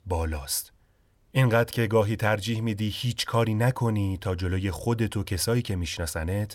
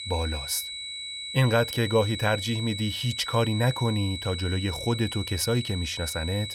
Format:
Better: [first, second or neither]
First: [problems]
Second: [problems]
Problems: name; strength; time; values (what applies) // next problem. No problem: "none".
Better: first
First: none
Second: high-pitched whine; loud; throughout; 4 kHz, 7 dB below the speech